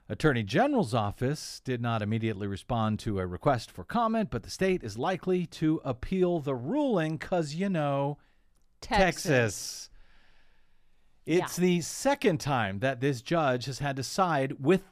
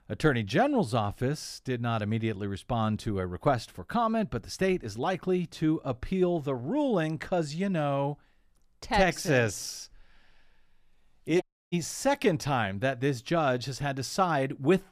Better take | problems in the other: first | audio cutting out; at 11 s

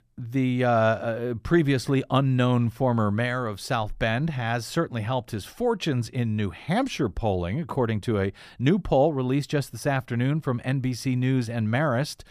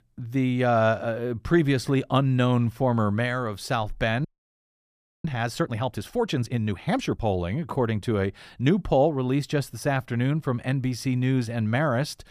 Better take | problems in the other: first | audio freezing; at 4.5 s for 1 s

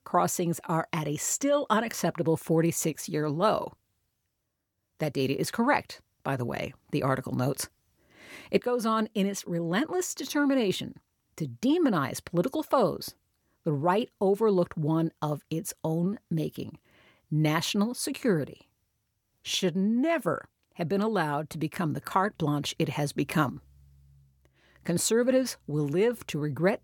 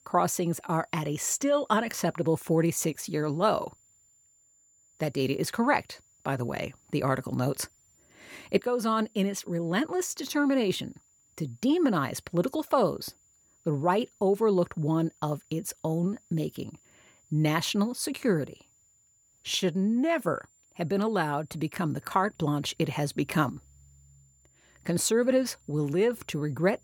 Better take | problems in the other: first | high-pitched whine; faint; throughout; 7 kHz, 35 dB below the speech

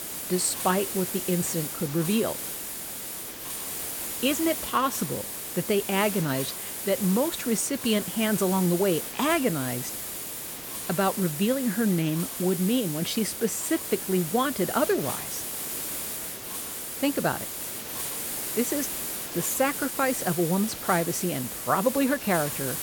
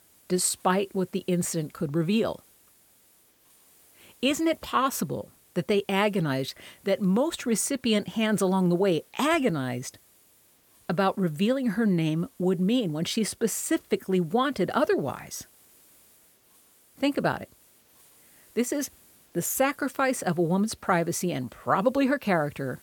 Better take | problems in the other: second | hiss; loud; throughout; 5 dB below the speech; faint in the second

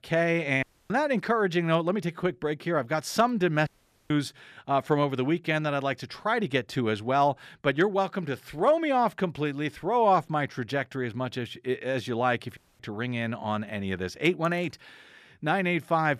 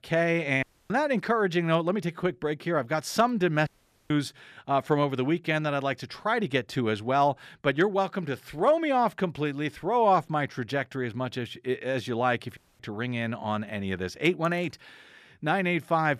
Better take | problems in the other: neither | audio cutting out; at 0.5 s, at 3.5 s and at 13 s; the same in both

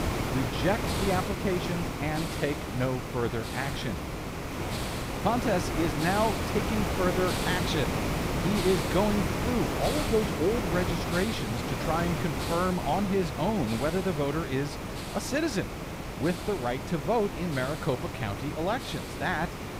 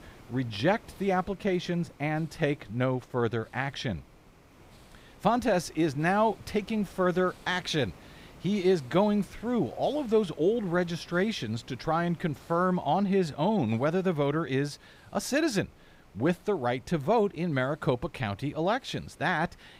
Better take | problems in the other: second | hiss; loud; throughout; 2 dB below the speech; faint in the second

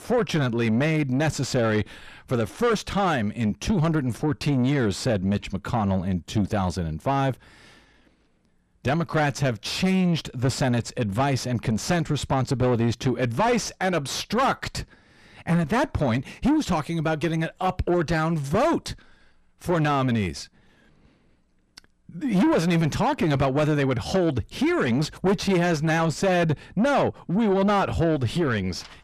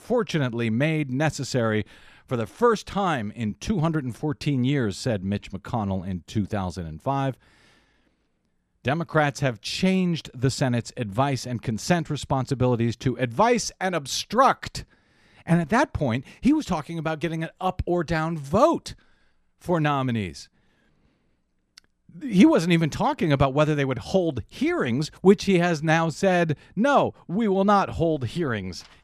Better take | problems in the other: second | distortion; heavy; 6 dB below the speech

